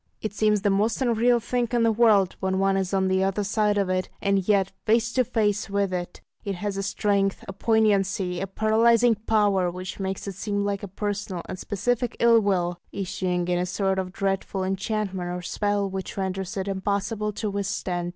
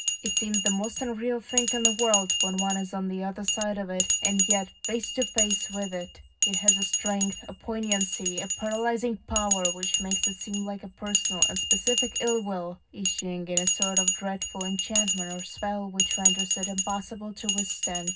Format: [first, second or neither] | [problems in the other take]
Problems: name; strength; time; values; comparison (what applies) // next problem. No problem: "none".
first | background sound (Bell); 3 dB above the speech // room echo; dies away in 0.4 s